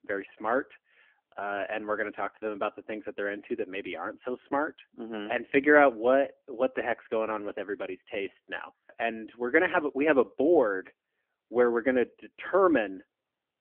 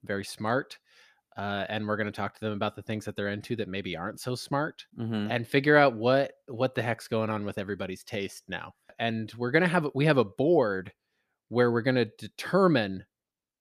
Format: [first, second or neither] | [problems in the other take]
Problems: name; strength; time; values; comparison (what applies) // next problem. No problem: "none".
second | phone-call audio; nothing above 3 kHz